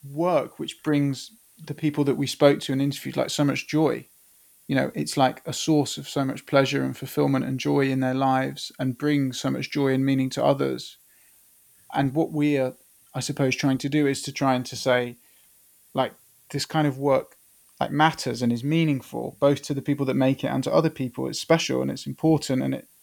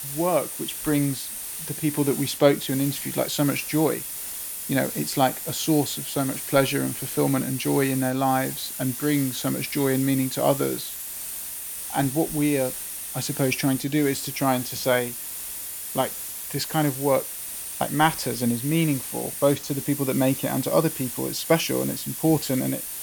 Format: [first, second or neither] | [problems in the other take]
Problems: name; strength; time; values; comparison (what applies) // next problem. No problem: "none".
first | hiss; loud; throughout; 6 dB below the speech; faint in the first